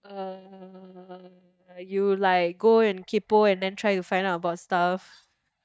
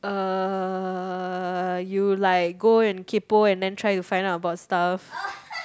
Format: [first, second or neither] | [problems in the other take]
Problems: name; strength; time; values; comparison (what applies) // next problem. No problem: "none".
second | noise reduction (neural mask model DeepFilterNet 3)